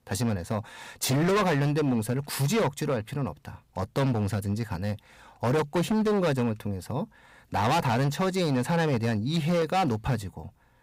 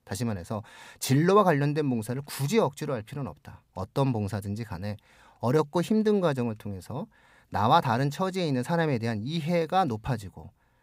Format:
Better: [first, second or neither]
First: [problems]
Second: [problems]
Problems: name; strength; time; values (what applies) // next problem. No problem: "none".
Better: second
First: distortion; heavy; 15% of the sound clipped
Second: none